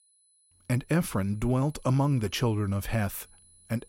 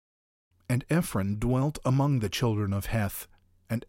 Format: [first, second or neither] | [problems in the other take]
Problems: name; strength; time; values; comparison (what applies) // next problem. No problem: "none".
second | high-pitched whine; faint; throughout; 10 kHz, 30 dB below the speech